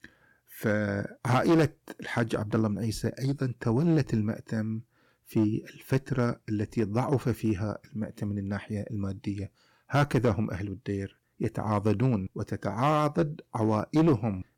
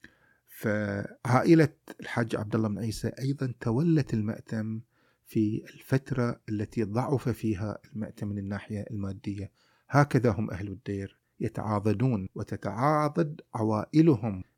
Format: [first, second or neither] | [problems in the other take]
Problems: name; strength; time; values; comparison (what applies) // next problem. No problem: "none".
second | distortion; slight; 5% of the sound clipped